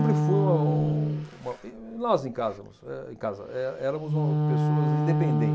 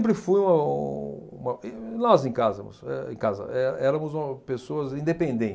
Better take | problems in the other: second | background sound (Wind instrument, woodwind instrument); 4 dB above the speech

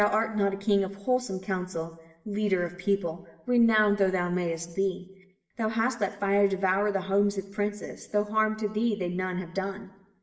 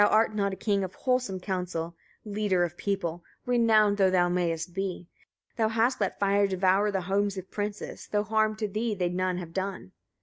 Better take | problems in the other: second | room echo; dies away in 0.8 s

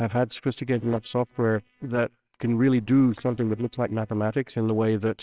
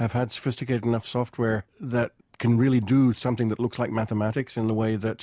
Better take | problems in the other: second | noise reduction (neural separator model SepFormer WHAMR!)

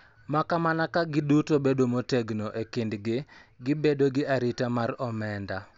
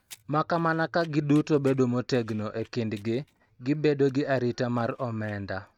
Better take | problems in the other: first | noise reduction (neural mask model RNNoise)

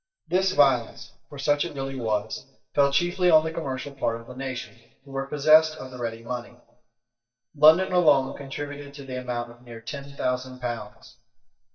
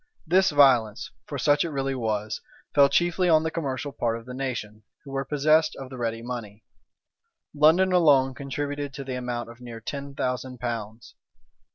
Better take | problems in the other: second | noise reduction (neural mask model DeepFilterNet 3)

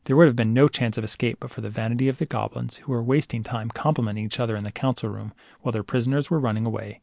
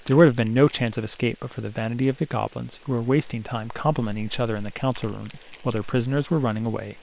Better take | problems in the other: first | noise reduction (neural separator model SepFormer WHAM!)

